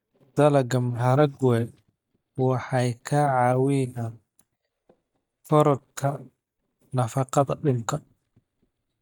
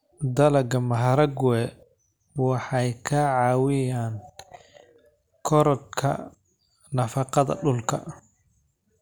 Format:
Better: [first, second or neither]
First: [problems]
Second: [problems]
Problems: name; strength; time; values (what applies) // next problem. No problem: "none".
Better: second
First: noise reduction (neural mask model DeepFilterNet 3)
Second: none